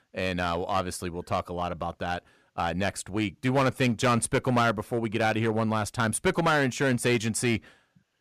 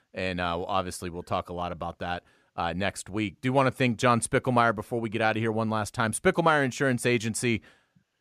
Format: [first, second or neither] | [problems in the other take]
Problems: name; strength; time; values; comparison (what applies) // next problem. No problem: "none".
second | distortion; slight; 5% of the sound clipped